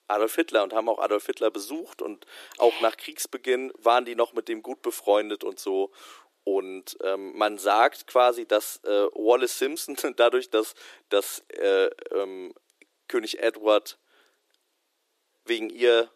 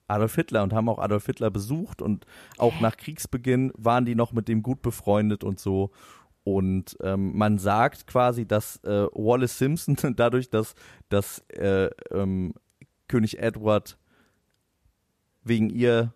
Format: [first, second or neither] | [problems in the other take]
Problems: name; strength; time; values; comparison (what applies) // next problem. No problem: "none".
second | thin; very; fading below 300 Hz